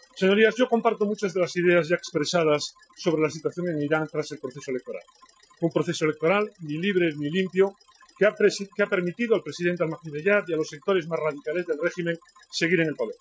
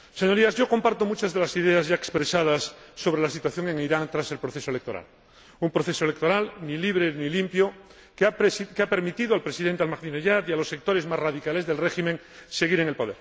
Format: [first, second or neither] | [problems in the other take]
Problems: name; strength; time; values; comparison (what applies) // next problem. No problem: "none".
second | noise reduction (classical method Wiener filter)